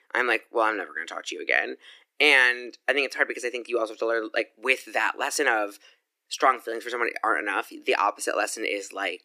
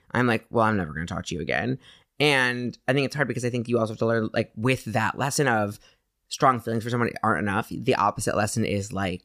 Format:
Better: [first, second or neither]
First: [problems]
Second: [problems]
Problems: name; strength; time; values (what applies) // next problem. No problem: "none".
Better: second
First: thin; very; fading below 300 Hz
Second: none